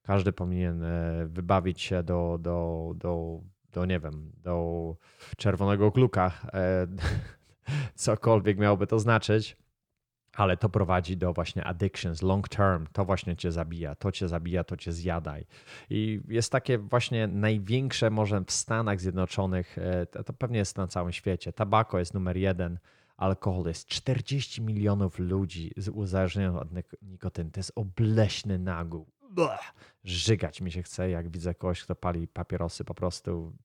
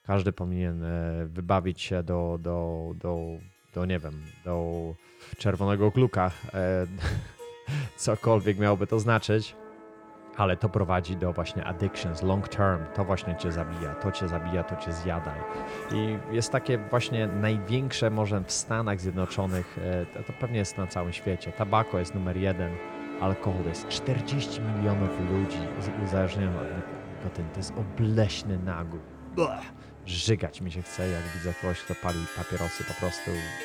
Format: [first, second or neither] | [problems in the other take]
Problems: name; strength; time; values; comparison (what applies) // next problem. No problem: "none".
first | background music; loud; throughout; 10 dB below the speech